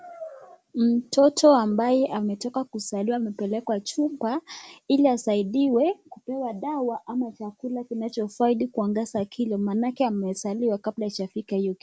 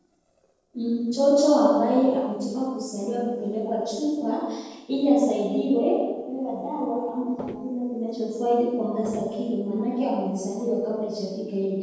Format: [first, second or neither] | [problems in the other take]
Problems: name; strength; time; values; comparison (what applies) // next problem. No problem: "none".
first | noise reduction (neural separator model SepFormer DNS4)